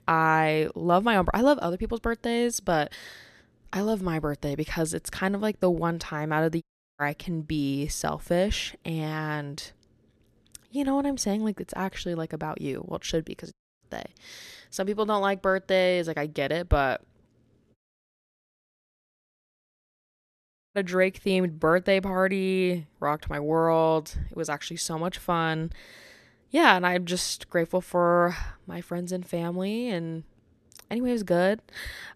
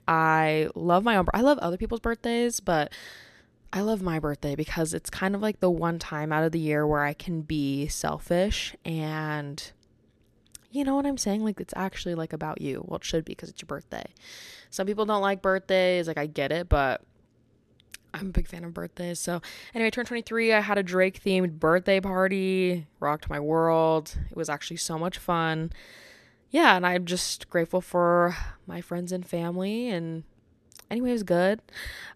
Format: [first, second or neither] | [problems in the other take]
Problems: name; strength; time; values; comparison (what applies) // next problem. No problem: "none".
second | audio cutting out; at 6.5 s, at 14 s and at 18 s for 3 s